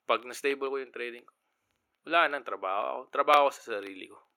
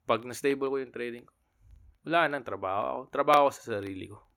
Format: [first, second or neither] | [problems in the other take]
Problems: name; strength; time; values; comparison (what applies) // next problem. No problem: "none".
second | thin; somewhat; fading below 400 Hz